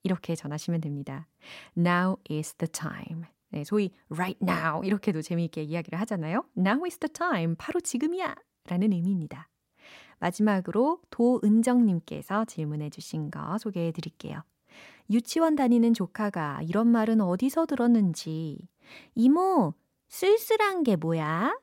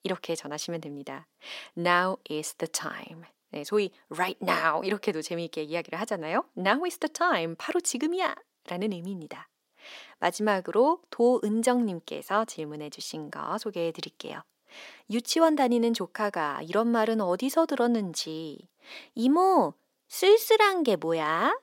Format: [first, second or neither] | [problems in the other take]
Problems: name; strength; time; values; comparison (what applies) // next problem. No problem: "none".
first | thin; somewhat; fading below 400 Hz